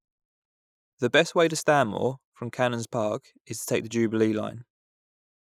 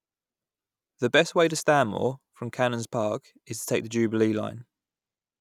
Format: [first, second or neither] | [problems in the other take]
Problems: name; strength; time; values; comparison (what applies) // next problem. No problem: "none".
second | noise reduction (neural mask model Resemble Enhance denoiser)